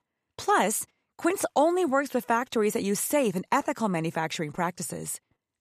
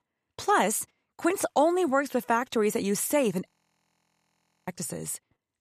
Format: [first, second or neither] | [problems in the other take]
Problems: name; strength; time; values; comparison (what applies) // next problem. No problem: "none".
first | audio freezing; at 3.5 s for 1 s